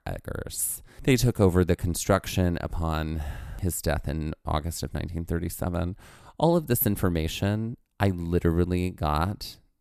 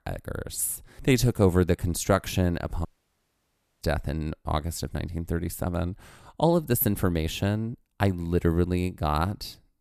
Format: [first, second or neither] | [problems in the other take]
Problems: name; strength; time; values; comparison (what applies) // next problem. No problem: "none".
first | audio cutting out; at 3 s for 1 s